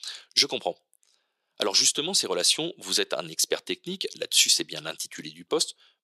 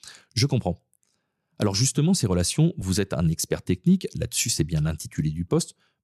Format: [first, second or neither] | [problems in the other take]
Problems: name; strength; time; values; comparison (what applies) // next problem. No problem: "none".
second | thin; very; fading below 400 Hz